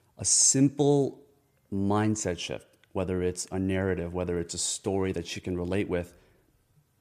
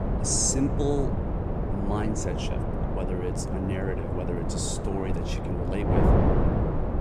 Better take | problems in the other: first | wind noise on the microphone; heavy; 1 dB below the speech

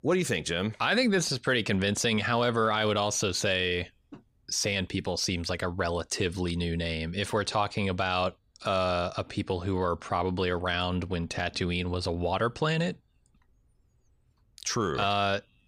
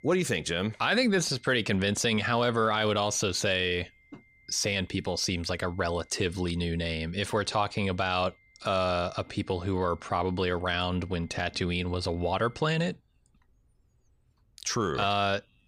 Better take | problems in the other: first | high-pitched whine; faint; until 13 s; 2 kHz, 30 dB below the speech

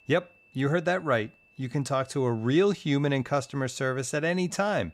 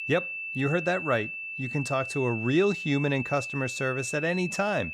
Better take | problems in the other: first | high-pitched whine; loud; throughout; 2.5 kHz, 6 dB below the speech; faint in the first

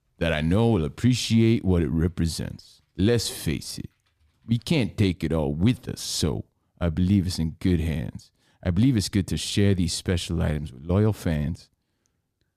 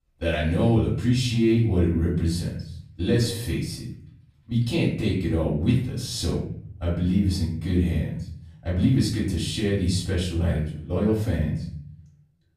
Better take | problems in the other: first | room echo; noticeable; dies away in 0.6 s // off-mic speech; far

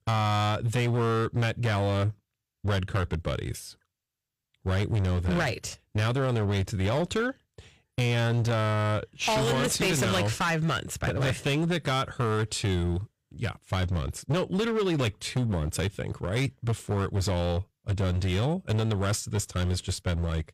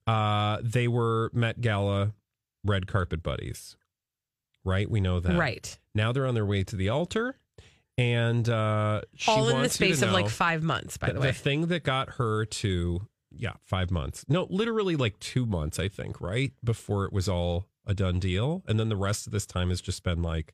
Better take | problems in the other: second | distortion; slight; 17% of the sound clipped

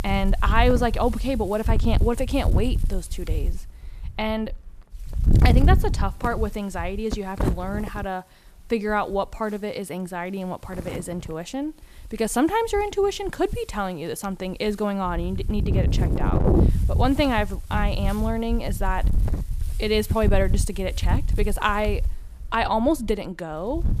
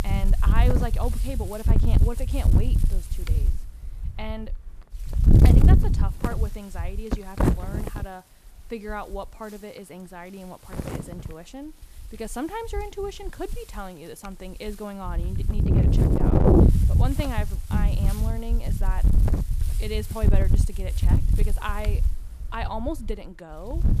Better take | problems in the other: first | wind noise on the microphone; heavy; 2 dB above the speech; occasional gusts in the first

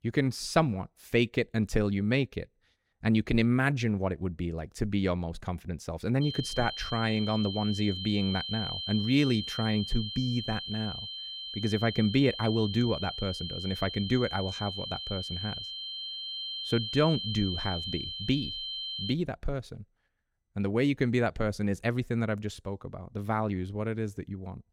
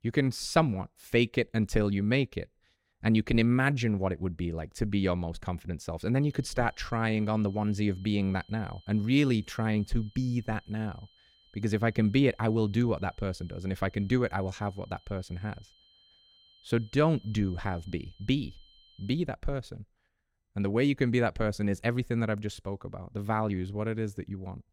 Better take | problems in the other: second | high-pitched whine; loud; from 6 to 19 s; 3 kHz, 5 dB below the speech; faint in the second

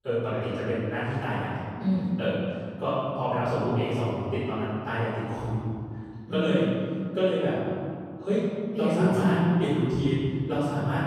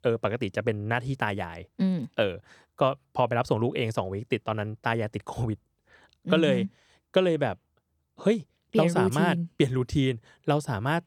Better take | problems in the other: second | off-mic speech; far // room echo; strong; dies away in 2.4 s

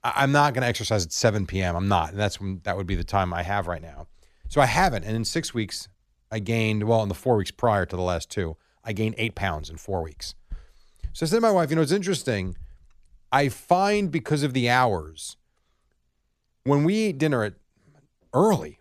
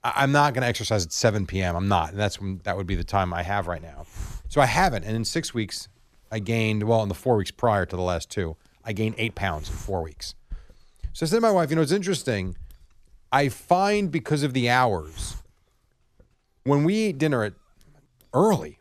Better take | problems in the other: first | hiss; noticeable; throughout; 20 dB below the speech

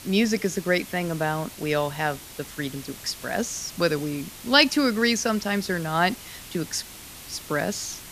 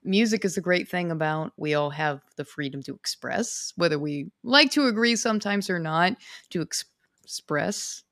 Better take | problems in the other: second | hiss; noticeable; throughout; 15 dB below the speech

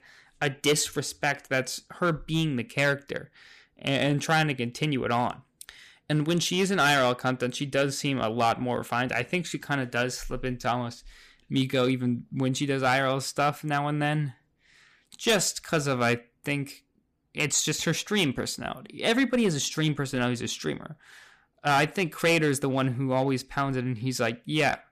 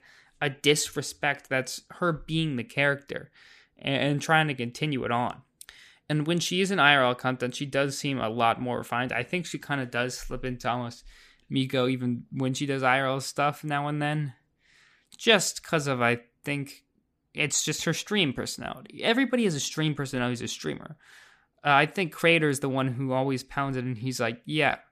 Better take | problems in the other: second | distortion; slight; 3% of the sound clipped

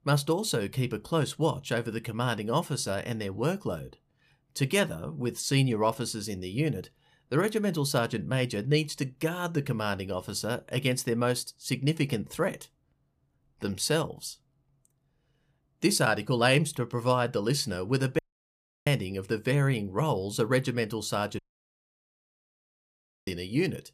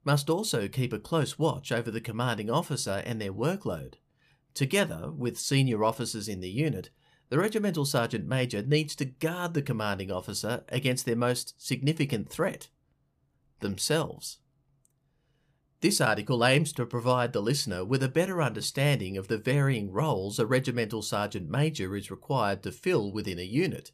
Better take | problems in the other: second | audio cutting out; at 18 s for 0.5 s and at 21 s for 2 s

